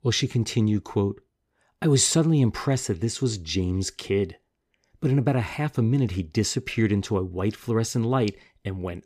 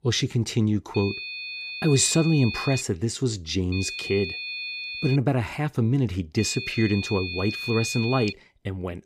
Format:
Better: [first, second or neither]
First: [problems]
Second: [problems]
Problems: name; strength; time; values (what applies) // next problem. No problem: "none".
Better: first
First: none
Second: high-pitched whine; loud; from 1 to 3 s, from 3.5 to 5 s and from 6.5 to 8.5 s; 2.5 kHz, 7 dB below the speech